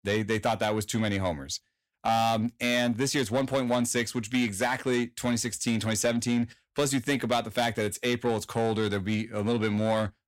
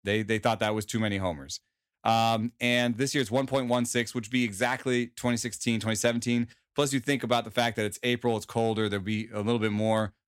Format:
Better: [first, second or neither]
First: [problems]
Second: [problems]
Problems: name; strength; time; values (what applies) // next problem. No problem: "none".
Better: second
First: distortion; slight; 10 dB below the speech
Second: none